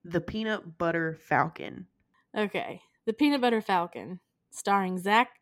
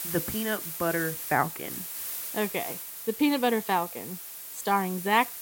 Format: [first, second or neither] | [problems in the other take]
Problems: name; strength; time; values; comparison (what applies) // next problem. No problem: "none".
first | hiss; loud; throughout; 6 dB below the speech